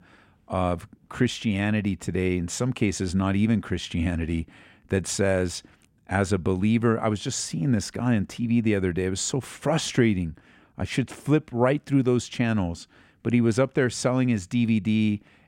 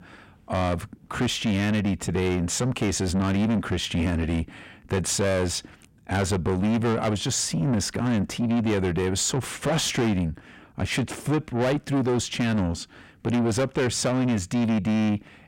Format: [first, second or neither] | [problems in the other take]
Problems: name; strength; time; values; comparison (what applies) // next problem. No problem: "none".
first | distortion; heavy; 7 dB below the speech